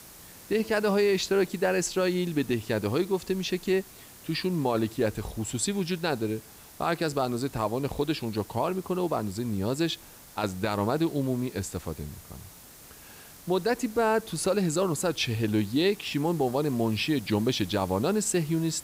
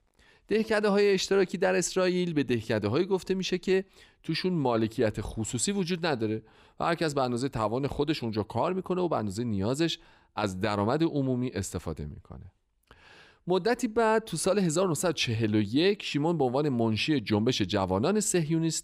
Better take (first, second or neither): second